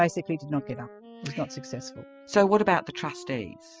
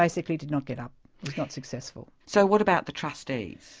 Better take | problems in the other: second | noise reduction (classical method spectral subtraction)

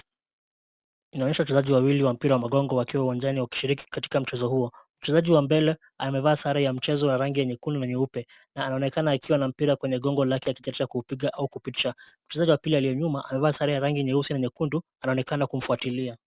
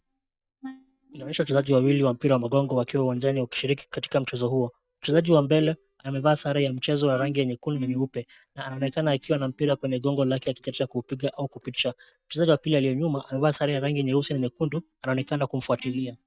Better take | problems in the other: first | noise reduction (neural mask model DeepFilterNet 3)

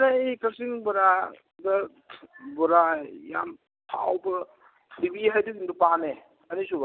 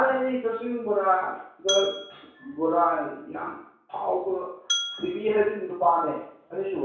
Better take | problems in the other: first | background sound (Glass); 7 dB below the speech // room echo; dies away in 0.6 s

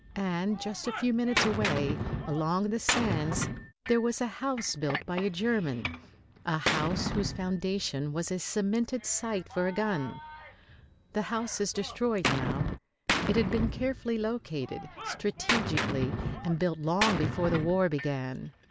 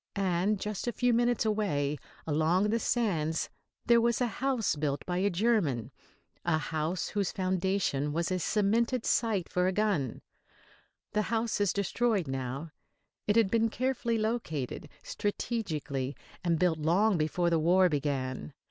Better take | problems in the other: second | background sound (Gunshot, gunfire); 4 dB below the speech

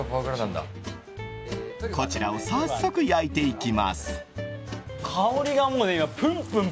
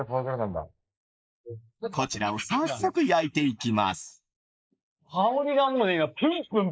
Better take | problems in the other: first | noise reduction (neural mask model Resemble Enhance denoiser)

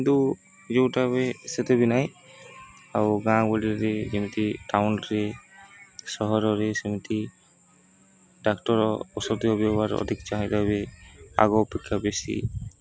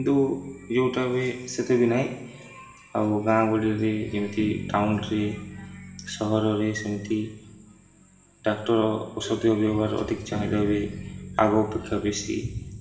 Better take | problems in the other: first | background sound (Bass guitar); 16 dB below the speech // room echo; dies away in 1.1 s

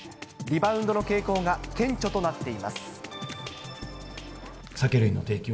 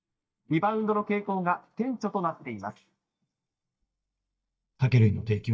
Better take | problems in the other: first | noise reduction (neural mask model DeepFilterNet 3)

